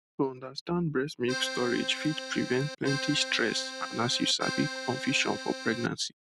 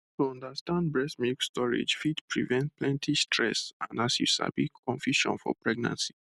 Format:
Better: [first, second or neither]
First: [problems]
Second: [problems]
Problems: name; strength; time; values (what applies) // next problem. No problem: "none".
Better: second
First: background sound (Accordion); 6 dB below the speech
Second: none